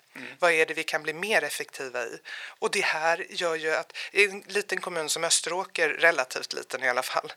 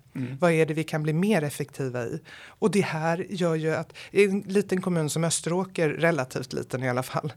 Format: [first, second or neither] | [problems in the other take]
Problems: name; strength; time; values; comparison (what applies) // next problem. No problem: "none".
second | thin; very; fading below 650 Hz